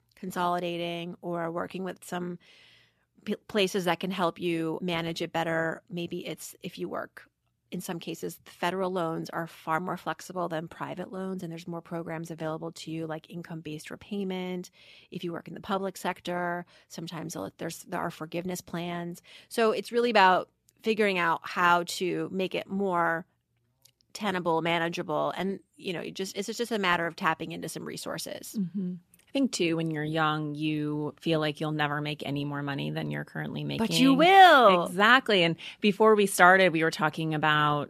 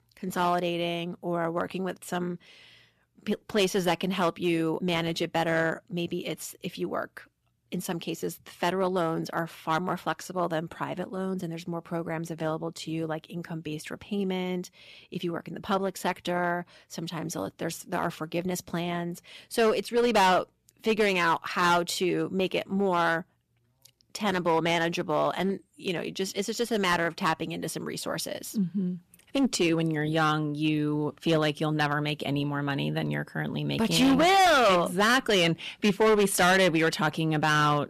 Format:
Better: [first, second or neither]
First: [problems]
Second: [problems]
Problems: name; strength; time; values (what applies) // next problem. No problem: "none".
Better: first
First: none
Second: distortion; heavy; 5% of the sound clipped